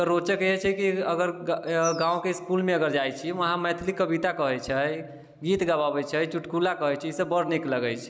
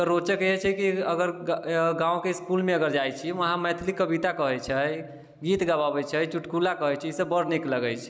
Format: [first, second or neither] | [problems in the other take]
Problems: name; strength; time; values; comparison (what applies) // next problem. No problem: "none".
second | background sound (Bird vocalization, bird call, bird song); 14 dB below the speech